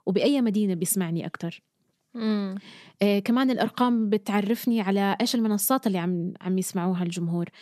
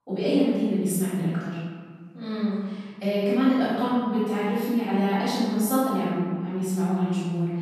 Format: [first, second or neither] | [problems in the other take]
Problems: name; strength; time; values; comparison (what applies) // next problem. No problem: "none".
first | off-mic speech; far // room echo; strong; dies away in 1.6 s